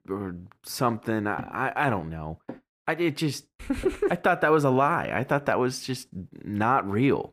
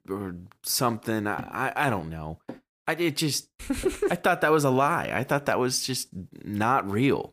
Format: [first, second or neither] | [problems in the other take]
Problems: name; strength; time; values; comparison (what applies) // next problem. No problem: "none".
second | muffled; slightly; fading above 3.5 kHz